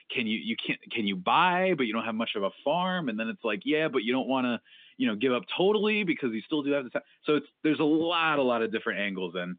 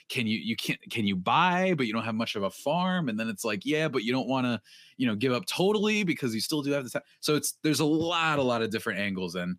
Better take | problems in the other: second | phone-call audio; nothing above 3.5 kHz

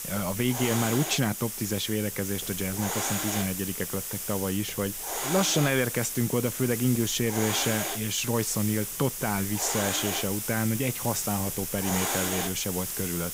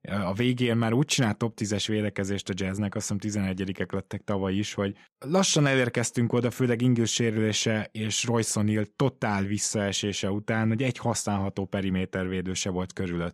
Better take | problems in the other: second | hiss; loud; throughout; 2 dB below the speech

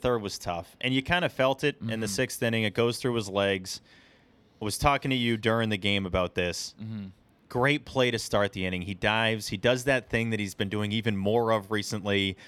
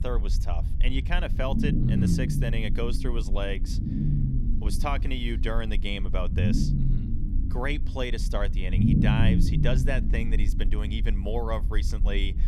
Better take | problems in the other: first | low rumble; loud; throughout; 5 dB below the speech

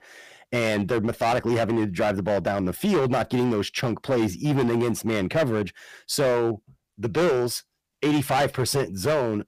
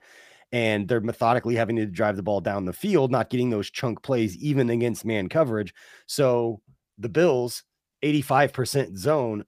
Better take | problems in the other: second | distortion; heavy; 14% of the sound clipped

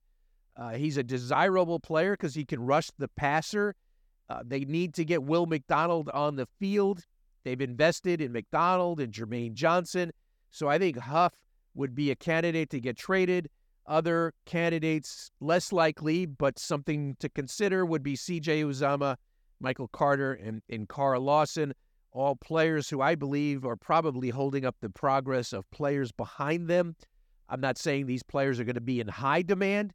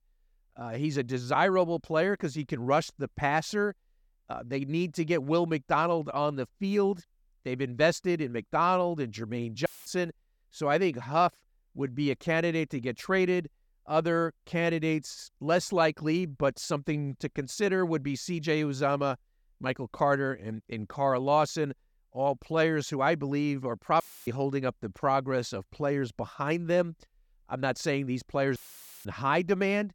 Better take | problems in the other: first | audio cutting out; filled with static; at 9.5 s, at 24 s and at 29 s

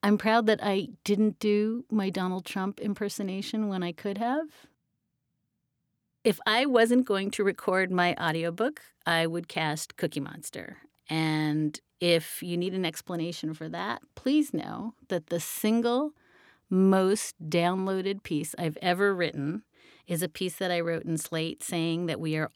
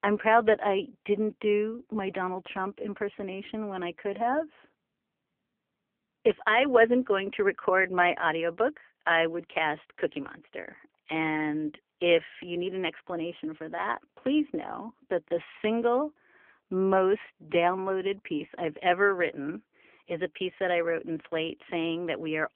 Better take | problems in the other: first | phone-call audio; poor line; nothing above 3.5 kHz

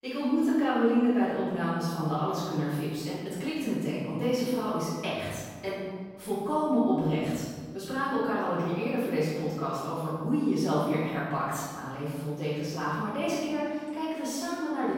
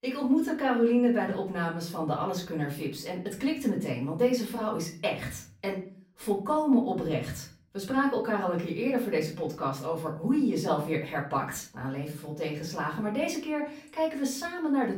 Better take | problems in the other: second | room echo; strong; dies away in 1.4 s; slight in the second // off-mic speech; far; far in the second

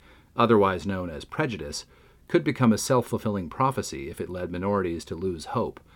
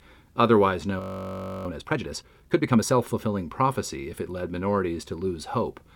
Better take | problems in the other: first | audio freezing; at 1 s for 0.5 s

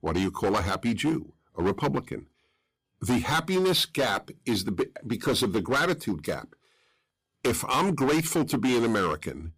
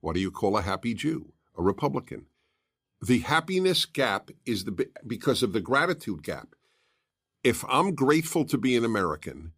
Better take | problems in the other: second | distortion; heavy; 12% of the sound clipped

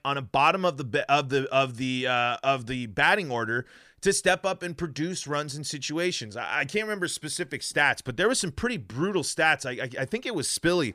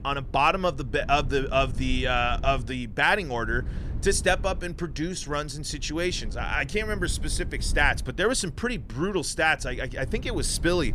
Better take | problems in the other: first | low rumble; faint; throughout; 25 dB below the speech

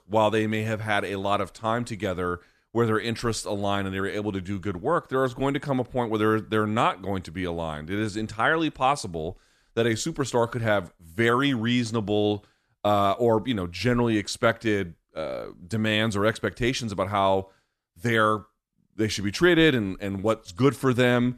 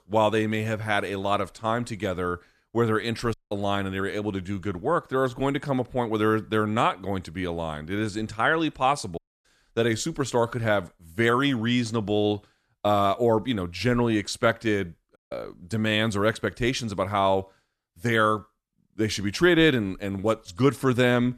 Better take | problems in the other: first | audio cutting out; at 3.5 s, at 9 s and at 15 s

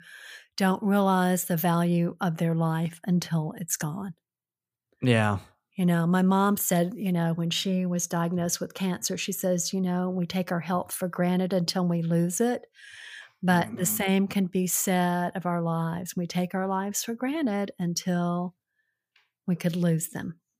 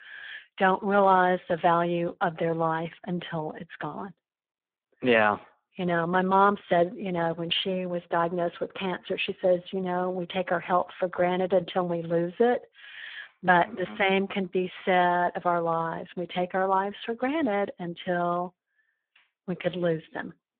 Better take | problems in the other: first | phone-call audio; poor line

